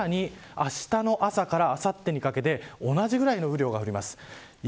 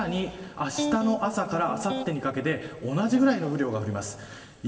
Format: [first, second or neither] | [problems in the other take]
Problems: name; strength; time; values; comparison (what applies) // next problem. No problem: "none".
first | background sound (Electric guitar); 6 dB below the speech // room echo; dies away in 2.7 s